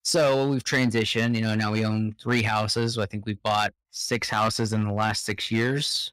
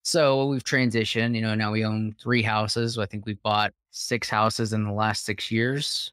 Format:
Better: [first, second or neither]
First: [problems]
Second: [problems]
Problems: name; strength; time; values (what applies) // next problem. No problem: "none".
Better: second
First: distortion; slight; 5% of the sound clipped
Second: none